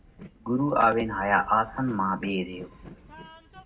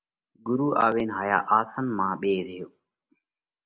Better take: second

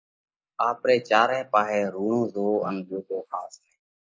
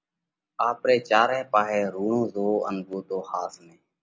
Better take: second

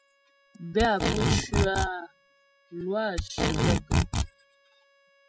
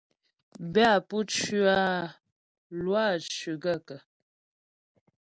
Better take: second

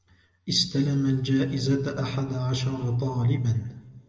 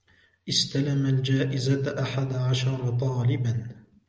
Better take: second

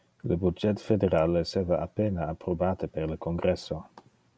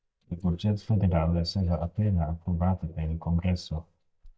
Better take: first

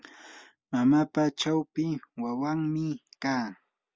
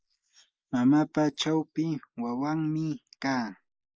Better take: first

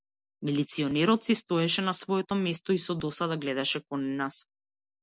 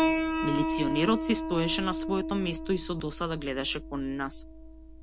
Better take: first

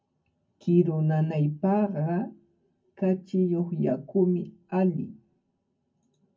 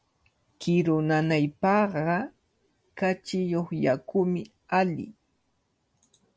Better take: second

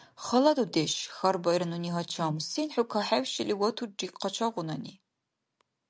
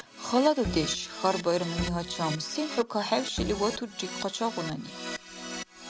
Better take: first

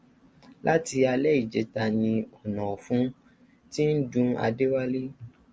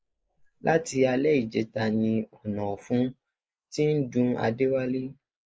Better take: first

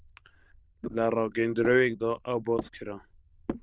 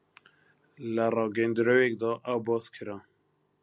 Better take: second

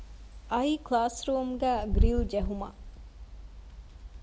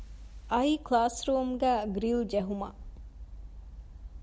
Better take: second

